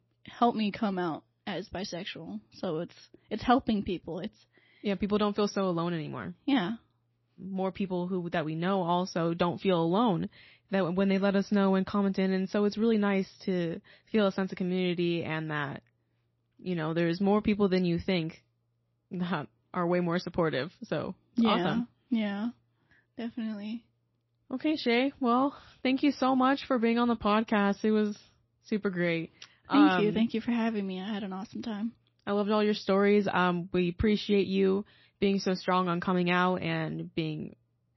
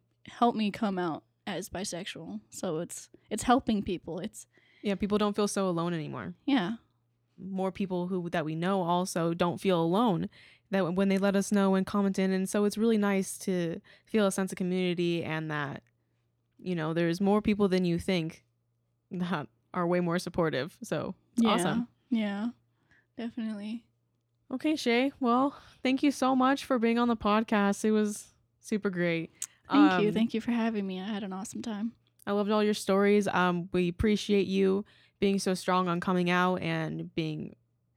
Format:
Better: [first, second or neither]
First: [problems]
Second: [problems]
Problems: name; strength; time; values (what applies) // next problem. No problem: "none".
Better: second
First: garbled, watery; slightly; nothing above 6 kHz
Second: none